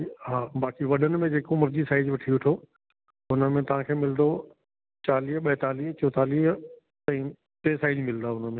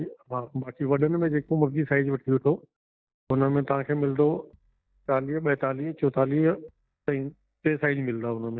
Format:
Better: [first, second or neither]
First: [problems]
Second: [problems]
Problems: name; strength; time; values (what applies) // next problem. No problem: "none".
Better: first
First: none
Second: noise reduction (neural mask model DeepFilterNet 3)